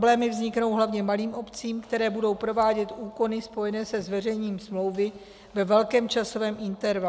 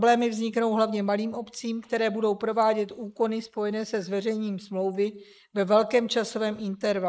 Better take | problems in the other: first | noise reduction (neural mask model Resemble Enhance denoiser)

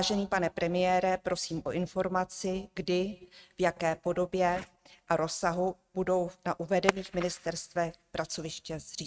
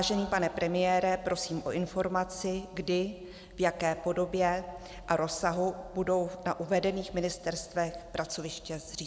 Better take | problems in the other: second | noise reduction (neural mask model RNNoise)

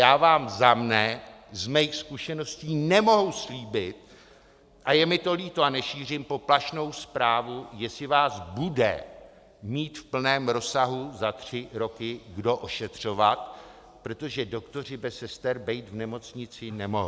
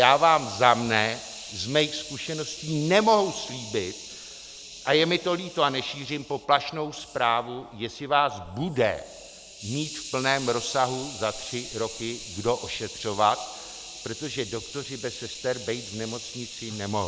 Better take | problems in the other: first | background sound (Hiss); 14 dB below the speech

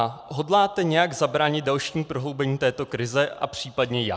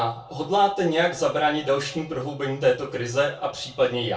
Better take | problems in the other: first | room echo; dies away in 0.2 s

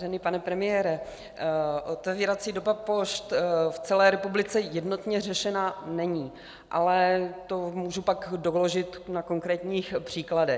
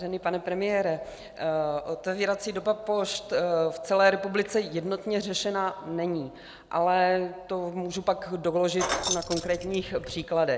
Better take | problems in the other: first | background sound (Keys jangling); 5 dB below the speech

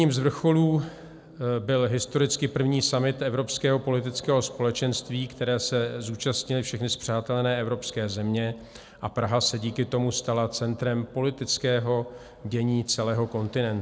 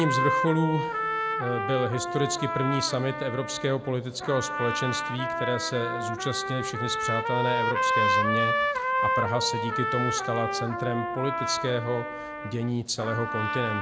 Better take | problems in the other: first | background sound (Trumpet); as loud as the speech

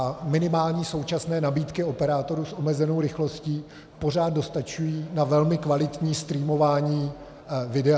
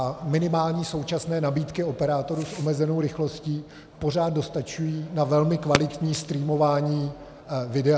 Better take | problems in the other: first | background sound (Fireworks); 16 dB below the speech

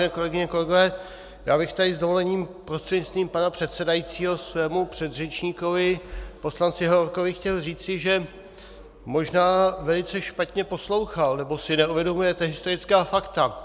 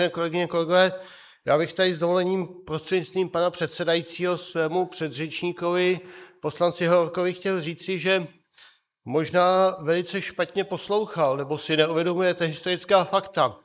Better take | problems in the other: first | noise reduction (neural mask model Resemble Enhance denoiser)

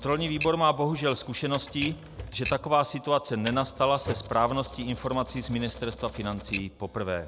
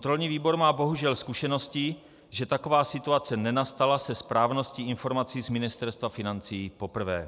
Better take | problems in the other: second | background sound (Typewriter); 12 dB below the speech

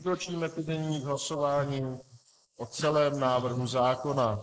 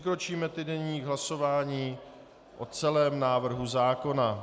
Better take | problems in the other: second | noise reduction (neural mask model Resemble Enhance denoiser)

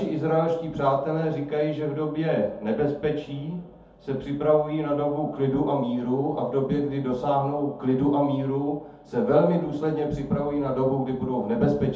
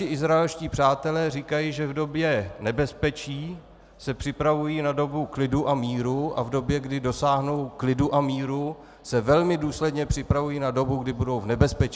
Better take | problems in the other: second | room echo; dies away in 0.6 s

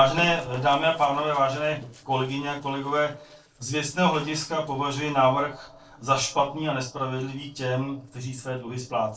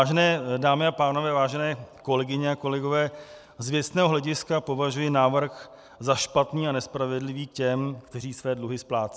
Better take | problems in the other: second | noise reduction (neural separator model SepFormer DNS4)

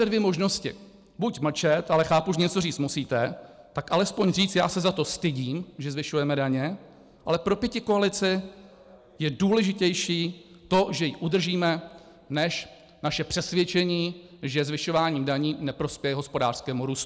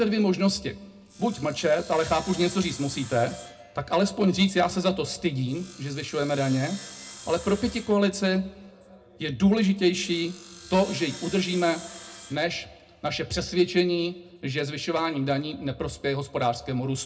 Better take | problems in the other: first | background sound (Sawing); 18 dB below the speech // room echo; dies away in 0.2 s

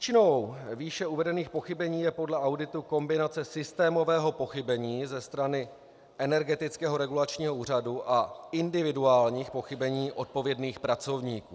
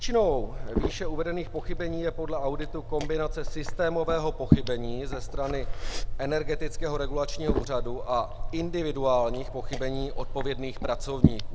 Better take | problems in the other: first | background sound (Liquid); 1 dB above the speech

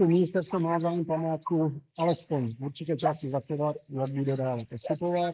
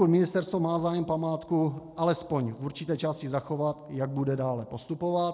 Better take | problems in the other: second | noise reduction (neural mask model Resemble Enhance denoiser)

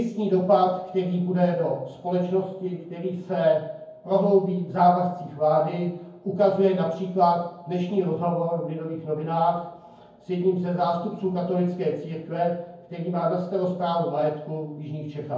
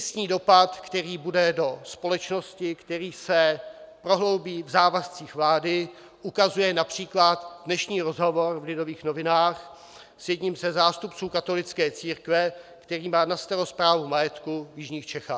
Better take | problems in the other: second | room echo; dies away in 0.9 s

